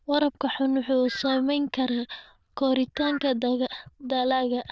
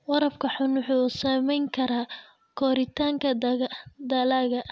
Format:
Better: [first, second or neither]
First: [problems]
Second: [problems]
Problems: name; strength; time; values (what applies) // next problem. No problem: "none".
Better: second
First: noise reduction (neural diffusion model UNIVERSE++)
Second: none